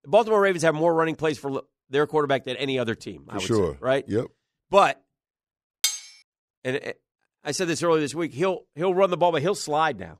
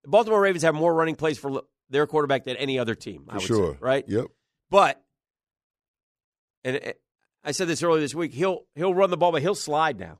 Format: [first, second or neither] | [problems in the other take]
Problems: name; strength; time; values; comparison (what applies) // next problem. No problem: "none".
second | clattering dishes; noticeable; at 6 s; peak 1 dB below the speech